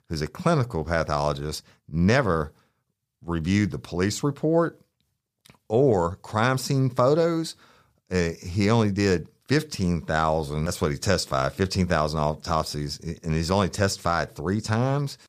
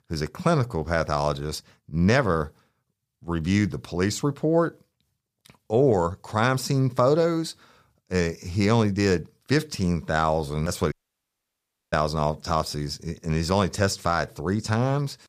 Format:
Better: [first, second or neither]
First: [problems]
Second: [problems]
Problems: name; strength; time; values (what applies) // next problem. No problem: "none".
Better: first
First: none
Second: audio cutting out; at 11 s for 1 s